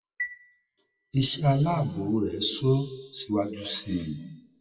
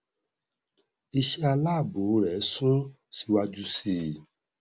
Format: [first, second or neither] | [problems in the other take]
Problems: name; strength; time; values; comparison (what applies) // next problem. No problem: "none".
second | noise reduction (classical method WPE with log-MMSE)